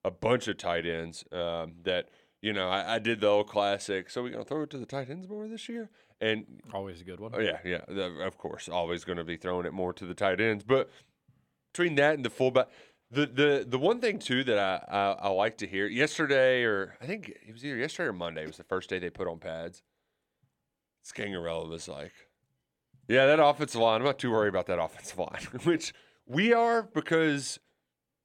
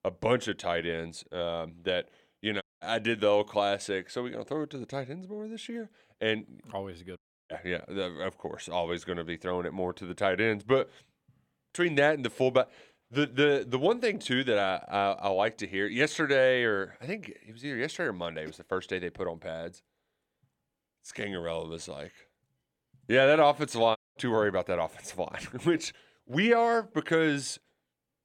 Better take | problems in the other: first | audio cutting out; at 2.5 s, at 7 s and at 24 s

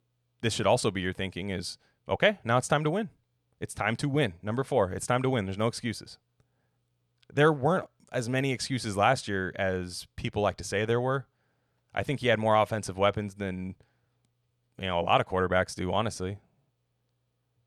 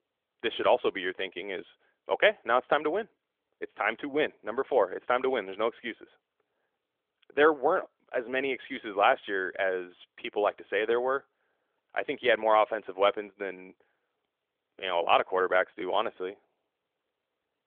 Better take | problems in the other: first | phone-call audio; nothing above 3.5 kHz

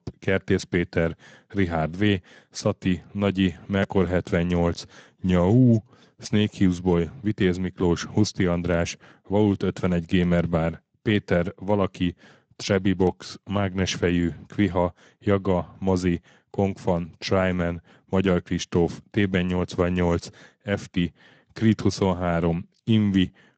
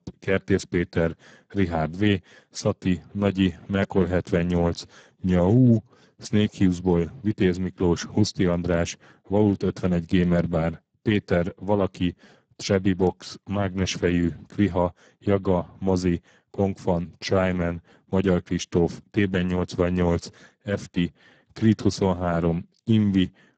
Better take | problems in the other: first | garbled, watery; badly; nothing above 7.5 kHz; slightly in the first

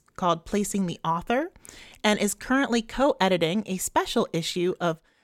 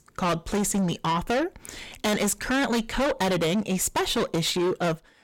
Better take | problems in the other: first | distortion; heavy; 6 dB below the speech

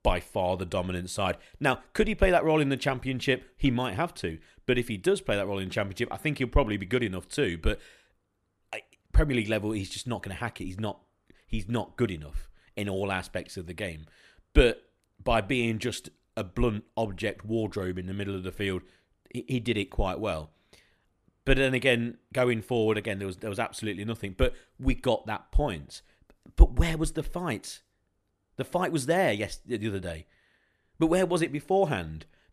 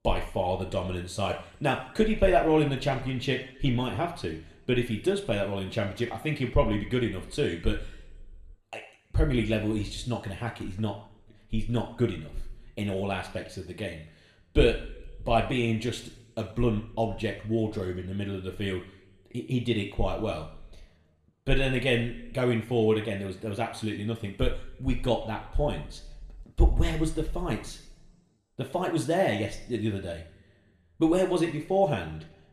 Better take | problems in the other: first | room echo; slight; dies away in 0.7 s

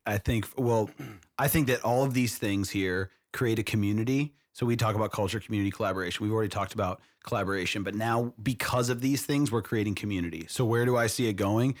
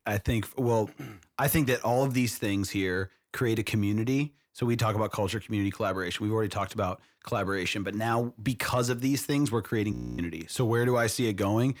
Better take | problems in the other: first | audio freezing; at 10 s

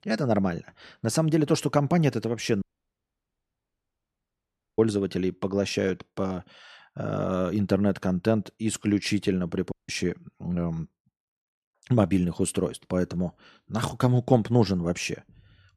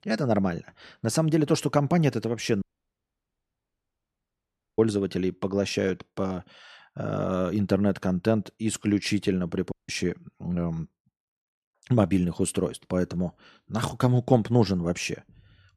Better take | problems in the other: neither | audio cutting out; at 2.5 s for 2 s and at 9.5 s; the same in both

